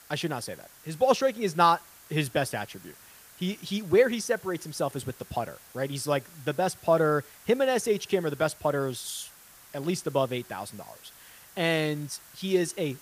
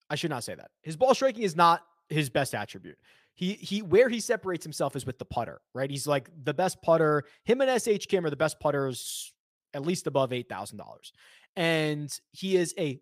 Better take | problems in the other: second | hiss; faint; throughout; 20 dB below the speech

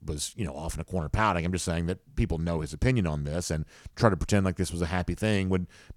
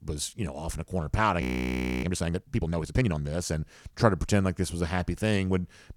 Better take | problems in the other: first | audio freezing; at 1.5 s for 0.5 s

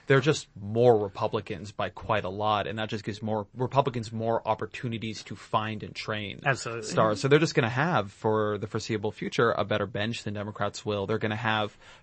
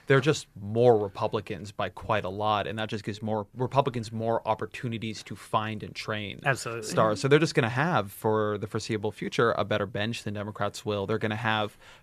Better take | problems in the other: second | garbled, watery; slightly; nothing above 8 kHz

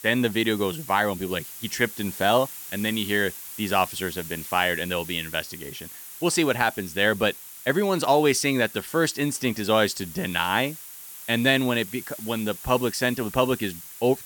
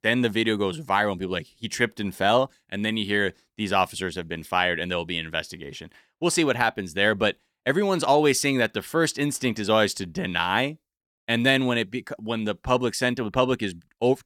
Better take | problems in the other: second | hiss; noticeable; throughout; 15 dB below the speech

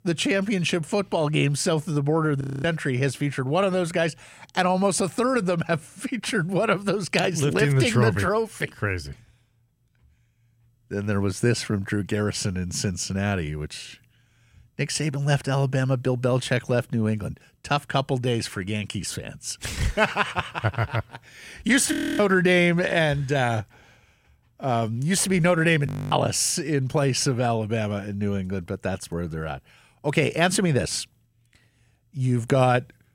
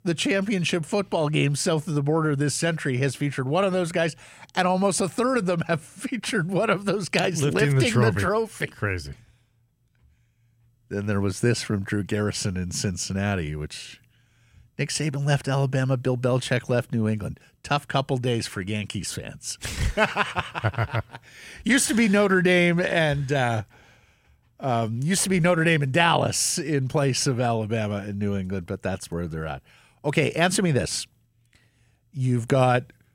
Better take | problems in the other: second | audio freezing; at 2.5 s, at 22 s and at 26 s

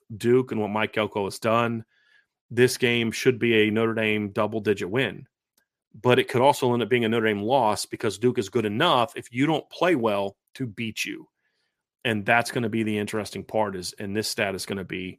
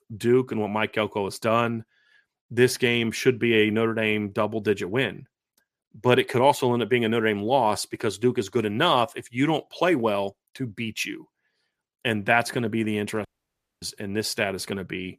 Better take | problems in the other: first | audio cutting out; at 13 s for 0.5 s

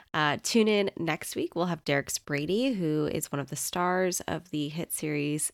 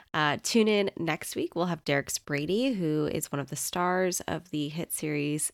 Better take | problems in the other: neither | none

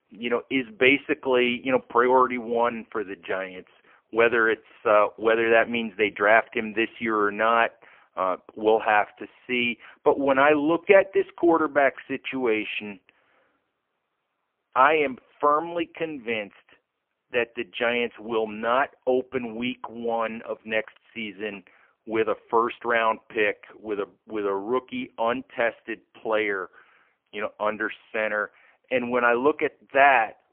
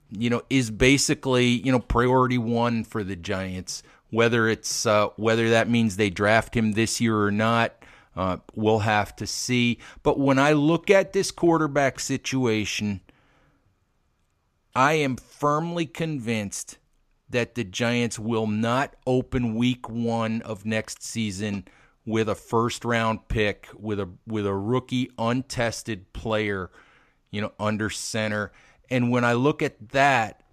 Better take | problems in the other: second | phone-call audio; poor line; nothing above 3 kHz

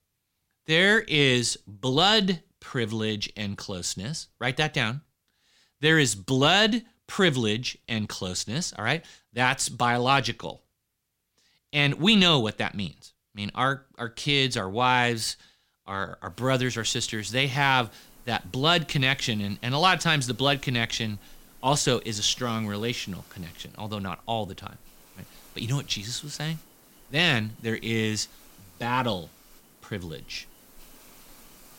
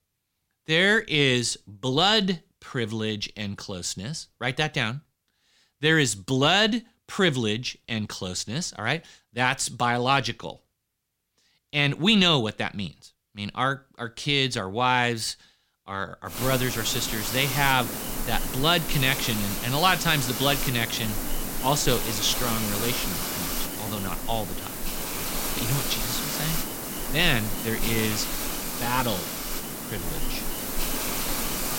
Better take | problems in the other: first | hiss; loud; from 16 s on; 4 dB below the speech; faint in the first

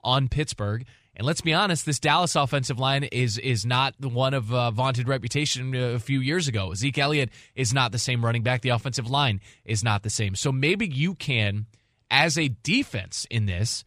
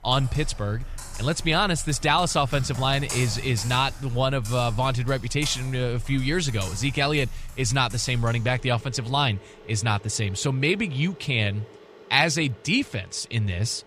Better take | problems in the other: first | household noises; noticeable; throughout; 15 dB below the speech

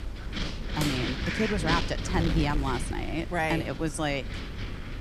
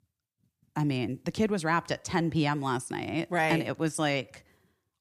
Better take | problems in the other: second | wind noise on the microphone; heavy; 4 dB below the speech

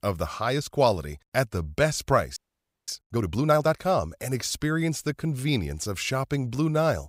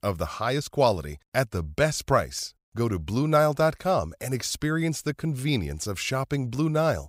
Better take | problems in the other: second | audio freezing; at 2.5 s for 0.5 s

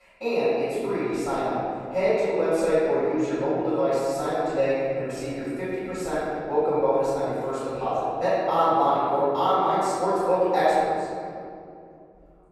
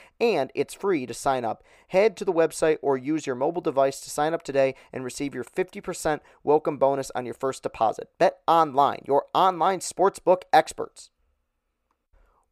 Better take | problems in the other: second | room echo; strong; dies away in 2.7 s // off-mic speech; far

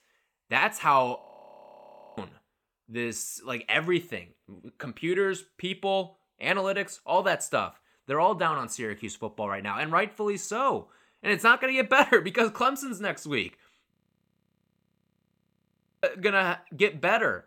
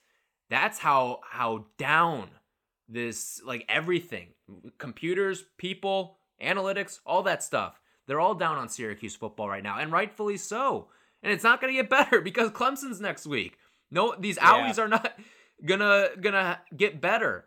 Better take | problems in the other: second | audio freezing; at 1 s for 1 s and at 14 s for 2 s

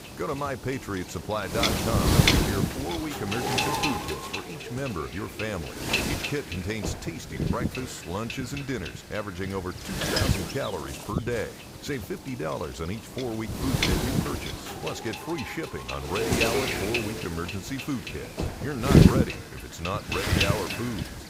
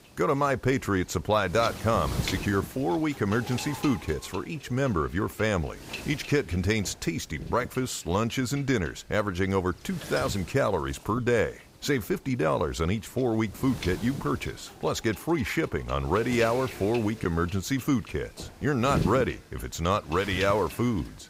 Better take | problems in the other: second | wind noise on the microphone; heavy; 4 dB above the speech; occasional gusts in the second

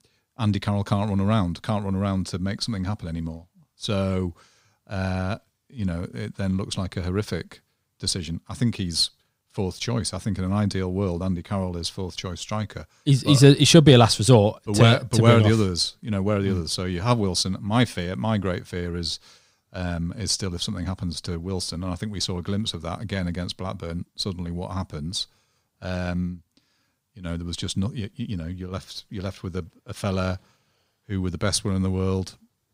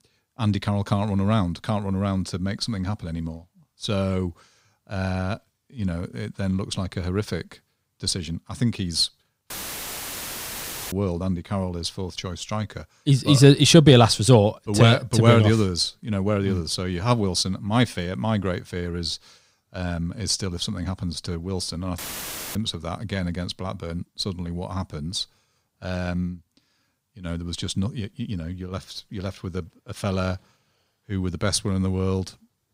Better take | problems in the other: first | audio cutting out; filled with static; at 9.5 s for 1.5 s and at 22 s for 0.5 s

